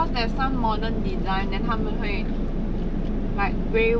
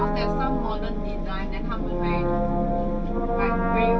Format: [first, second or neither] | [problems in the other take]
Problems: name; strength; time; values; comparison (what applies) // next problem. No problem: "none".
first | background sound (Brass instrument); as loud as the speech // room echo; dies away in 0.2 s